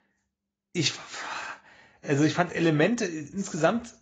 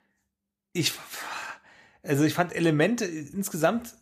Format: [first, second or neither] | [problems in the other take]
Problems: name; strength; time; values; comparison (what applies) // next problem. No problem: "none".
second | garbled, watery; badly; nothing above 7.5 kHz